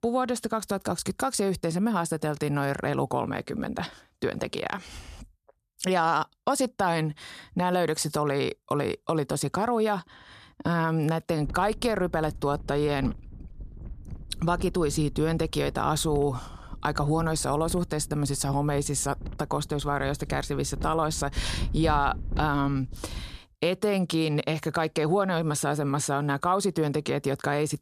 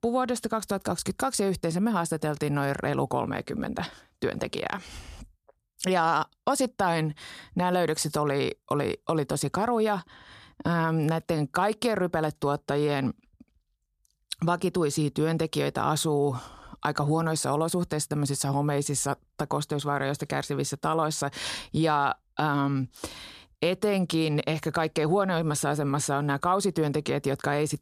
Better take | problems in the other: second | wind noise on the microphone; occasional gusts; from 11 to 23 s; 25 dB below the speech

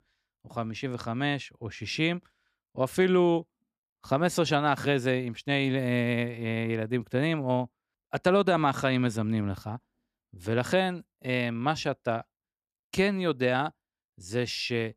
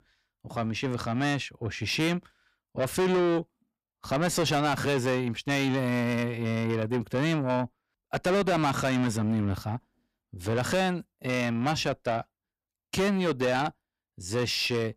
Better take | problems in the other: first | distortion; heavy; 6 dB below the speech

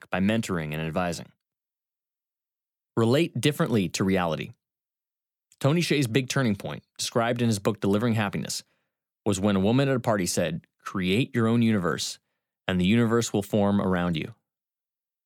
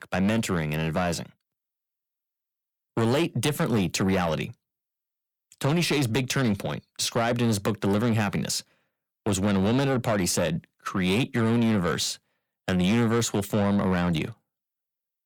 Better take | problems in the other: first | distortion; slight; 10 dB below the speech

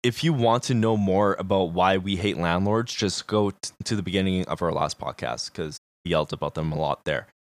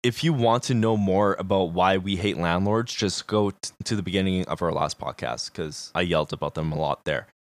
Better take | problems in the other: second | audio cutting out; at 6 s

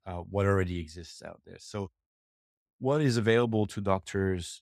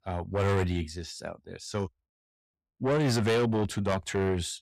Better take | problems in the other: first | distortion; heavy; 6 dB below the speech

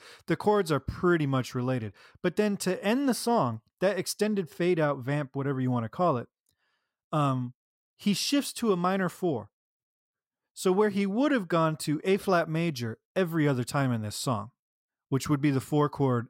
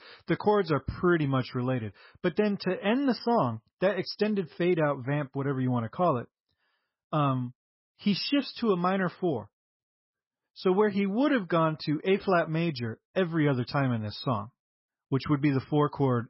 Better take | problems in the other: first | garbled, watery; badly; nothing above 5.5 kHz

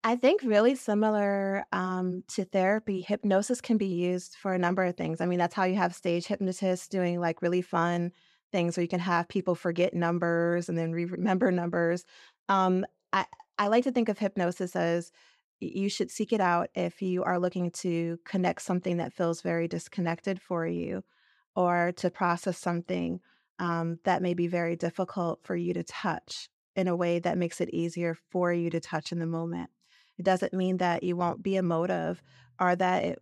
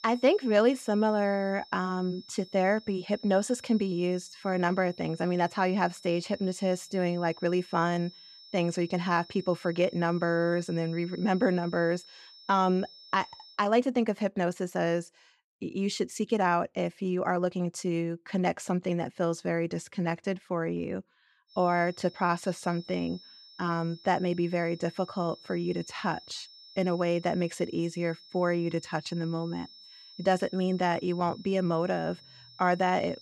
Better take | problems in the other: first | high-pitched whine; faint; until 14 s and from 22 s on; 5.5 kHz, 20 dB below the speech

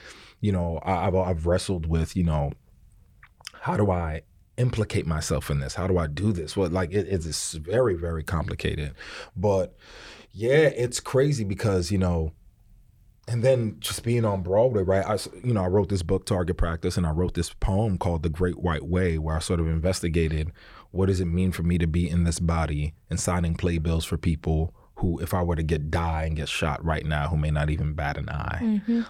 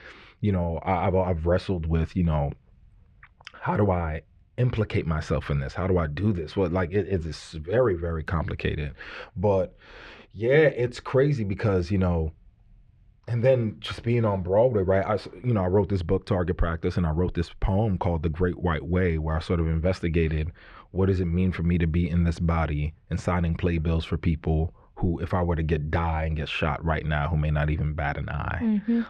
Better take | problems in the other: first | muffled; slightly; fading above 2.5 kHz

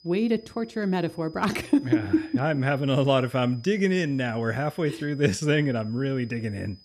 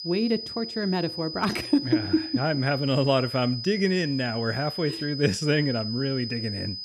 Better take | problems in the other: first | high-pitched whine; loud; throughout; 5 kHz, 7 dB below the speech; faint in the first

